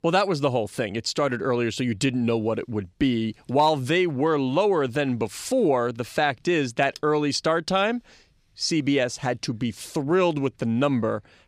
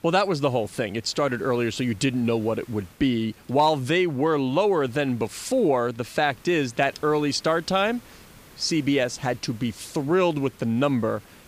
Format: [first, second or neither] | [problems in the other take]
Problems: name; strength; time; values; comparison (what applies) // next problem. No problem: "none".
first | hiss; faint; throughout; 25 dB below the speech